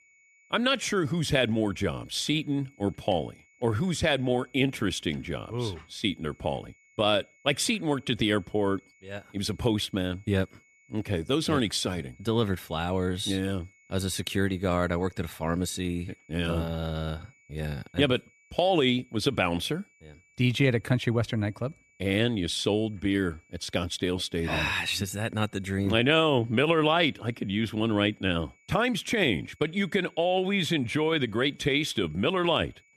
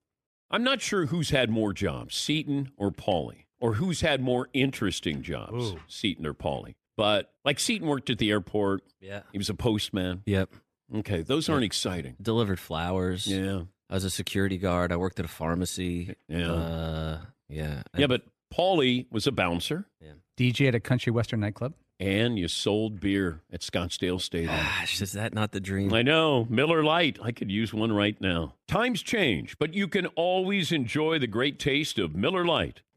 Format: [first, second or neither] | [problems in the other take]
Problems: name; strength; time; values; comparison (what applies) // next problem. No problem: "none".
second | high-pitched whine; faint; throughout; 2 kHz, 30 dB below the speech